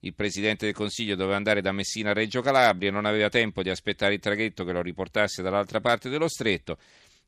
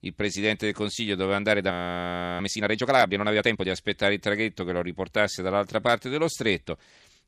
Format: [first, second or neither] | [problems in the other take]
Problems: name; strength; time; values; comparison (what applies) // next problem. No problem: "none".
first | audio freezing; at 1.5 s for 0.5 s